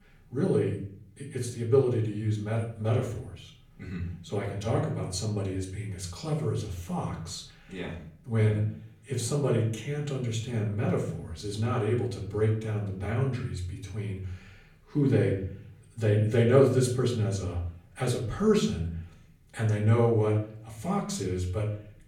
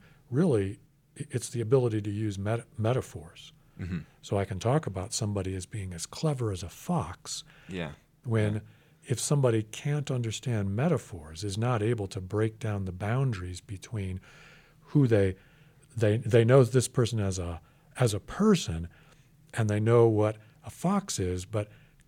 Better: second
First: off-mic speech; far // room echo; slight; dies away in 0.5 s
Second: none

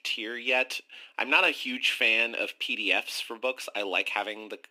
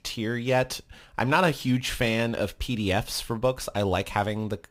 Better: second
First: thin; somewhat; fading below 300 Hz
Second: none

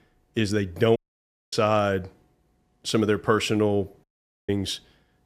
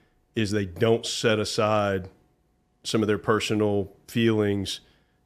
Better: second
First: audio cutting out; at 1 s for 0.5 s and at 4 s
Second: none

